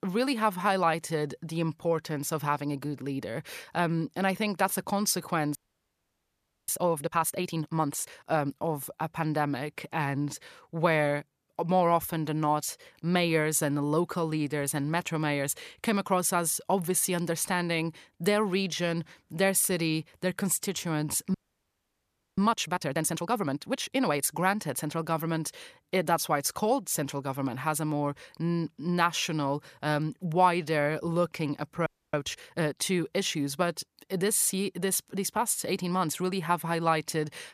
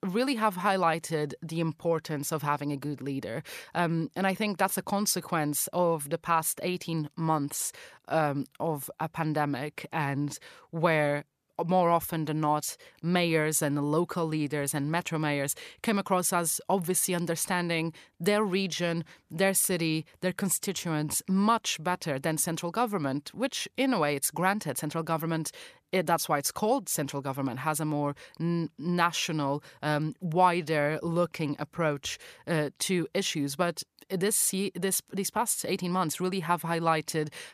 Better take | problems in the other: second | audio freezing; at 5.5 s for 1 s, at 21 s for 1 s and at 32 s

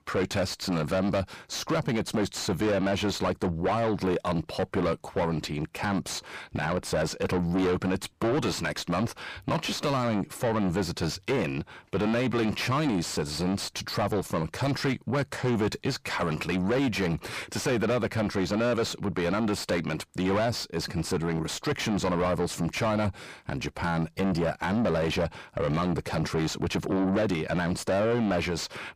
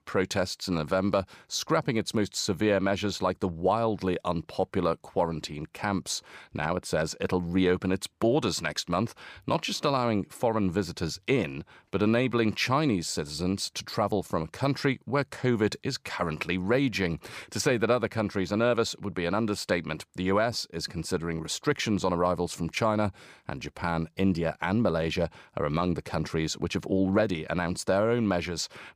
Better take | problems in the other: second | distortion; heavy; 6 dB below the speech

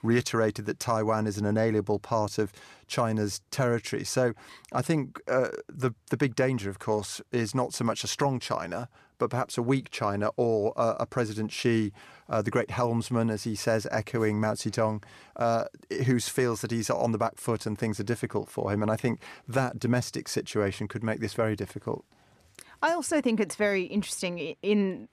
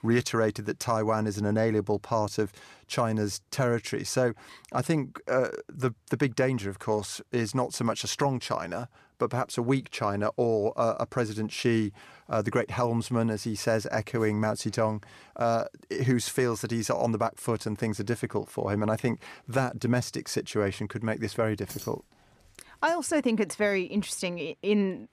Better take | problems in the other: first | jangling keys; faint; at 22 s; peak 15 dB below the speech

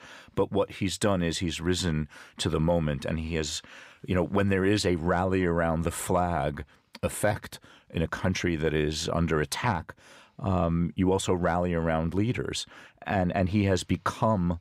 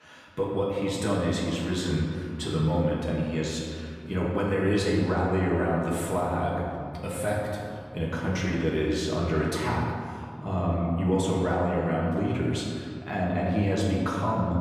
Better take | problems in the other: first | room echo; noticeable; dies away in 2.1 s // off-mic speech; far

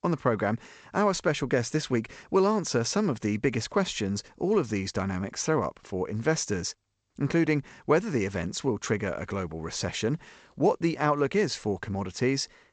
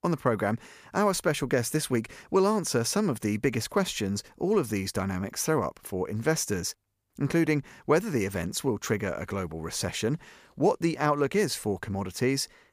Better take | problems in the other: second | garbled, watery; slightly; nothing above 7.5 kHz

